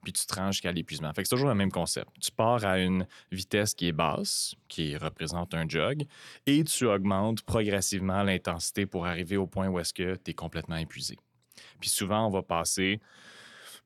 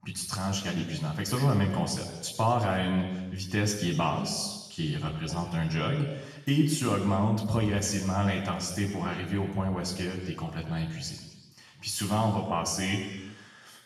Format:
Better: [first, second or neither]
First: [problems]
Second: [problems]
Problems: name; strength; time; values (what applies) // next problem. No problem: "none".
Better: first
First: none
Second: room echo; noticeable; dies away in 1.1 s // off-mic speech; far